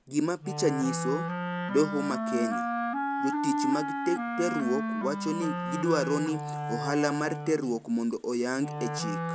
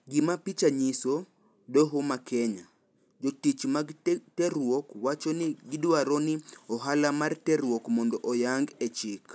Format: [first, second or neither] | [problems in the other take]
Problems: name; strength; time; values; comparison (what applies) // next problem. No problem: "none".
second | background sound (Wind instrument, woodwind instrument); 2 dB below the speech